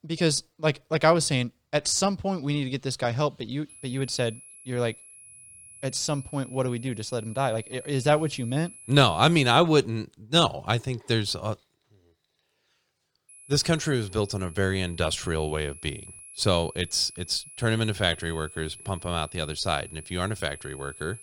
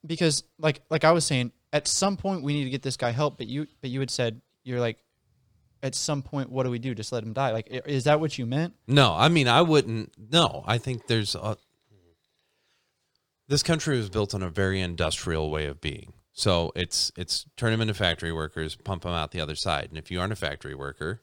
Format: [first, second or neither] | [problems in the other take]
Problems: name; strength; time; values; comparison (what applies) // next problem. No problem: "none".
second | high-pitched whine; noticeable; from 3.5 to 9.5 s and from 13 s on; 10.5 kHz, 20 dB below the speech